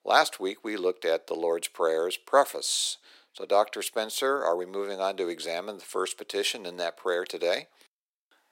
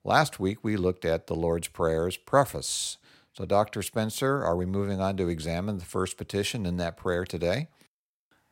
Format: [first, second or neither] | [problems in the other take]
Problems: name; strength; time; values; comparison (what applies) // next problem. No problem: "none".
second | thin; very; fading below 350 Hz